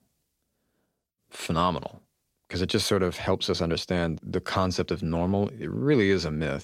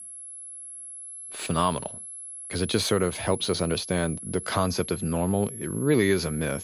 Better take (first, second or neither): first